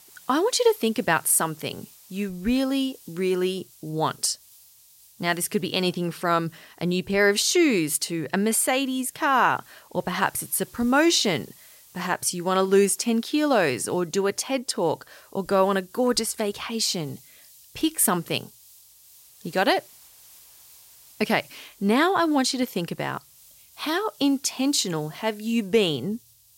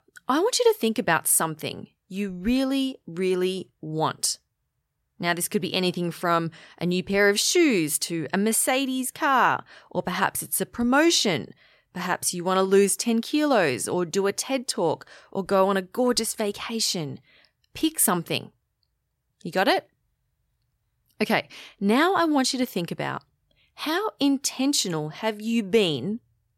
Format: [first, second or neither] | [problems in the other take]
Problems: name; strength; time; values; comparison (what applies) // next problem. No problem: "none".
second | hiss; faint; throughout; 25 dB below the speech